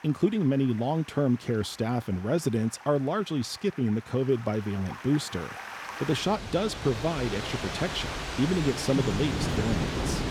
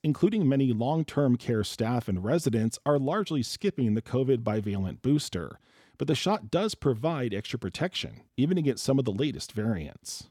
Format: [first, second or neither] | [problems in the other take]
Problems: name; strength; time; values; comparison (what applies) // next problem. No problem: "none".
second | rain or running water; loud; throughout; 5 dB below the speech